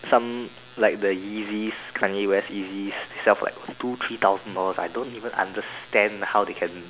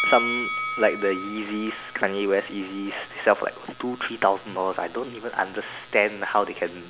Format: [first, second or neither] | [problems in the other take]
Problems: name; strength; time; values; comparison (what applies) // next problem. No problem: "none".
first | background sound (Bell); 9 dB below the speech